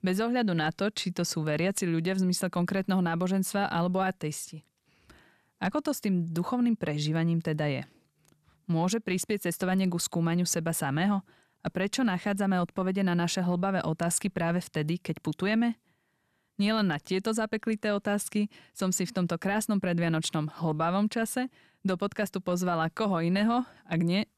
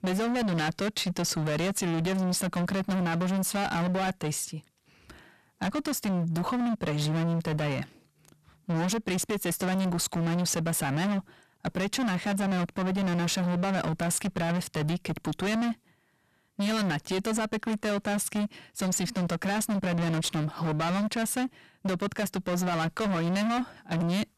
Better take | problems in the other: first | distortion; heavy; 36% of the sound clipped

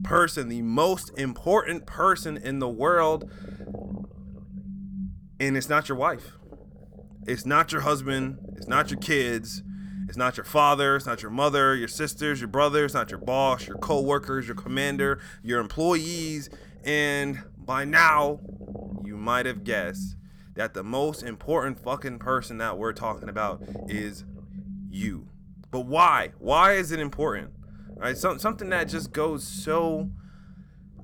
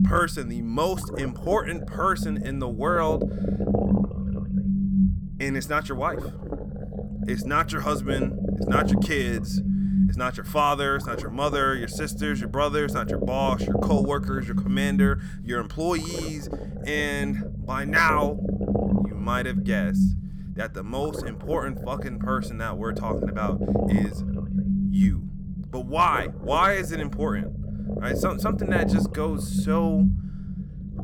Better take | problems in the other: first | low rumble; loud; throughout; 8 dB below the speech; faint in the first

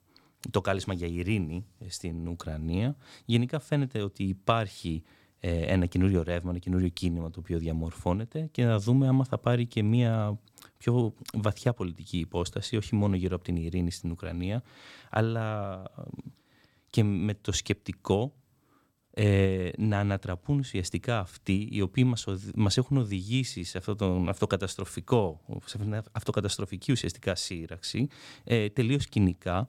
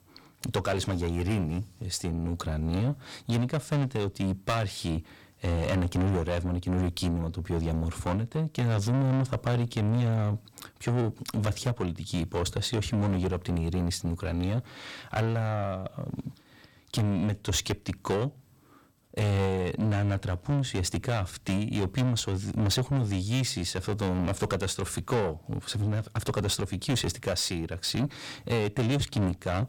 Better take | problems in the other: first | distortion; heavy; 6 dB below the speech

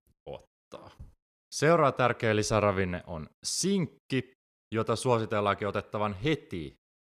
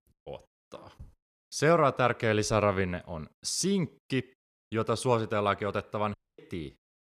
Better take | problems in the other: first | audio cutting out; at 6 s

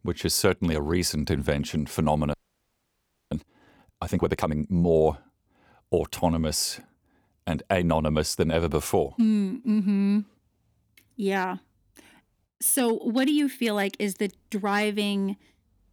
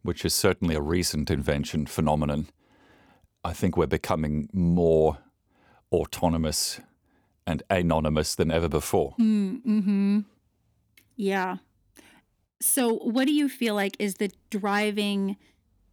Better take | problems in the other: second | audio freezing; at 2.5 s for 1 s

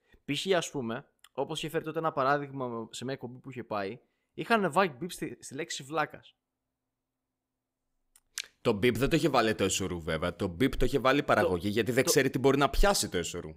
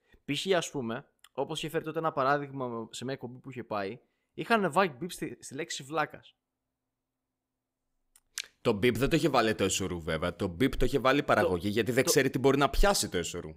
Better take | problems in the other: neither | none

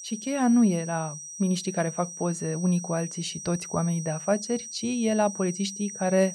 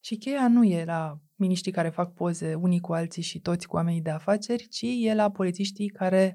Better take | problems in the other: second | high-pitched whine; loud; throughout; 6 kHz, 10 dB below the speech

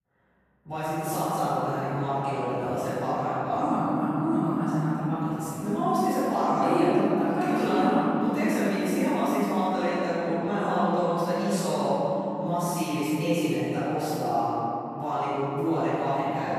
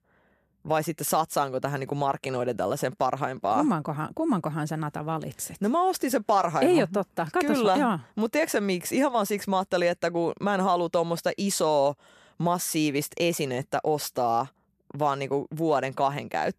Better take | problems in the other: second | off-mic speech; far // room echo; strong; dies away in 3 s

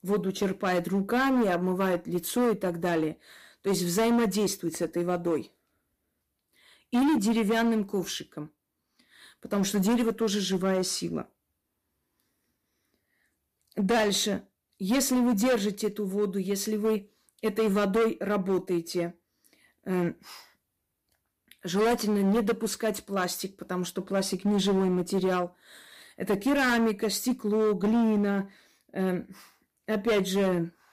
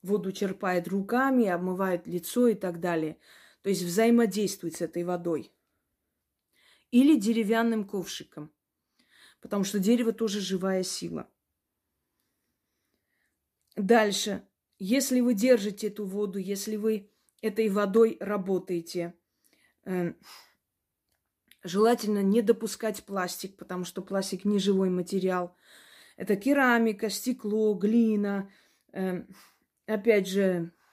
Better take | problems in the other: second | distortion; heavy; 10% of the sound clipped

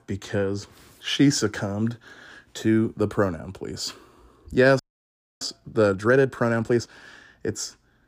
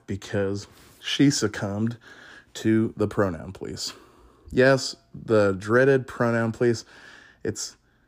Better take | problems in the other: second | audio freezing; at 5 s for 0.5 s

